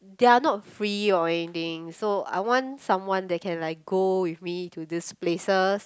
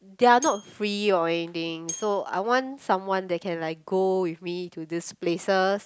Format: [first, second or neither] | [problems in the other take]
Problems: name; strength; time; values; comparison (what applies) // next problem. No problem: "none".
first | background sound (Bell); 16 dB below the speech